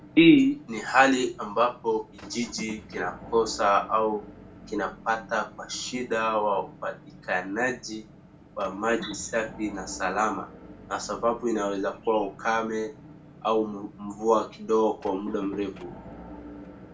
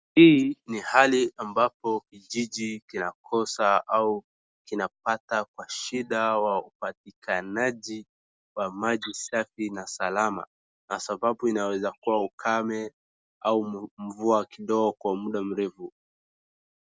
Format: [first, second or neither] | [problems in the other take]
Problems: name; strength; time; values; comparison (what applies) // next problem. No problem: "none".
second | background sound (Motor vehicle (road) / Engine); 18 dB below the speech // room echo; dies away in 0.3 s